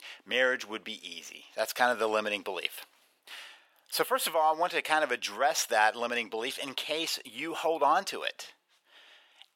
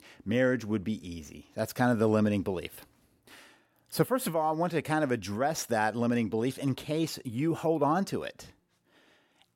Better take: second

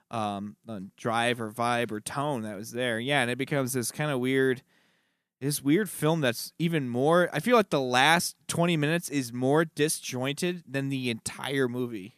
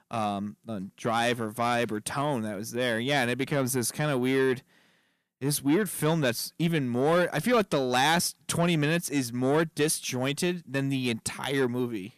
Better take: first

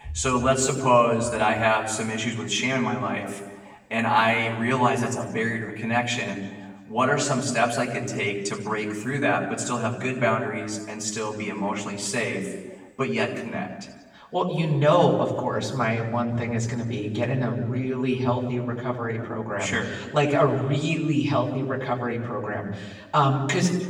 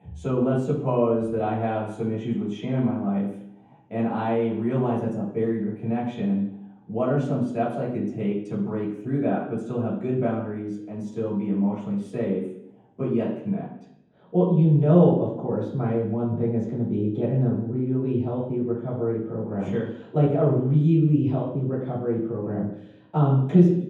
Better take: first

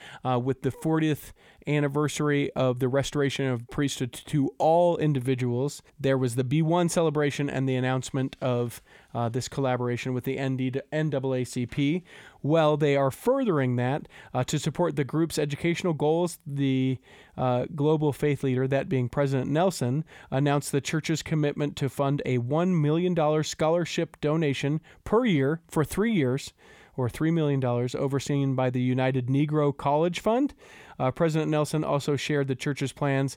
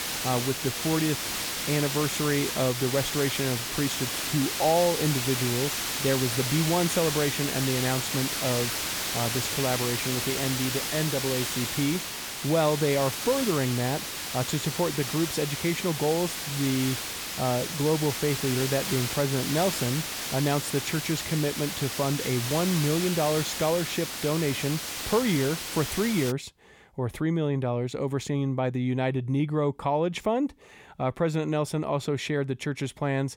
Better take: first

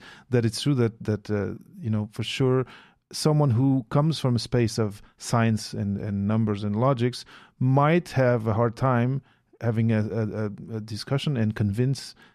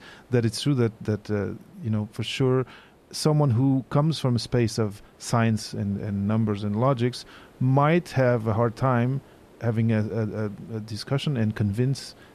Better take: first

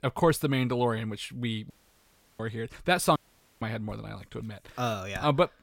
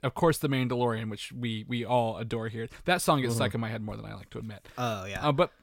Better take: second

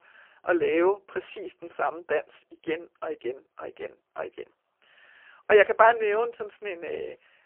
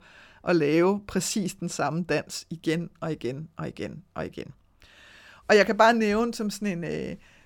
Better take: second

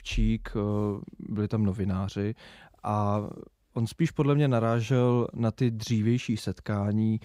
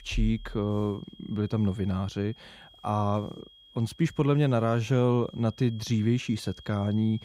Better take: first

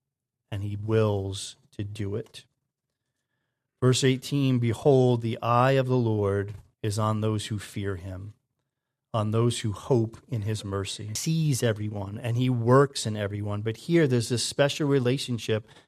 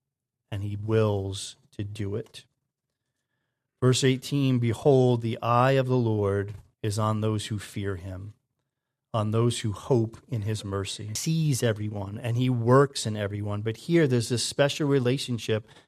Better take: neither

